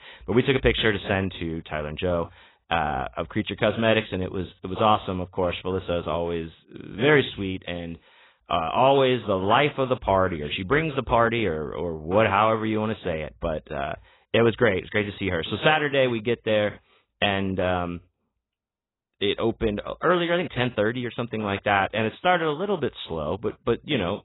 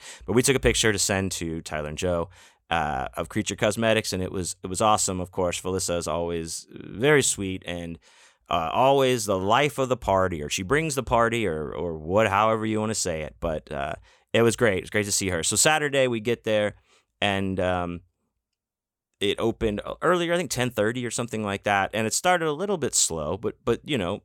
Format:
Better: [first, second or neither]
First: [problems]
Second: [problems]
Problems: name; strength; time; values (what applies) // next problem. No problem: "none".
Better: second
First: garbled, watery; badly; nothing above 4 kHz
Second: none